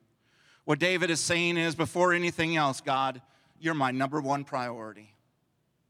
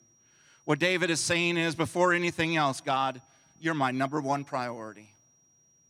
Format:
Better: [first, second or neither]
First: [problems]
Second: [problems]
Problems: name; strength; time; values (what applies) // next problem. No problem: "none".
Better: first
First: none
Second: high-pitched whine; faint; throughout; 5.5 kHz, 35 dB below the speech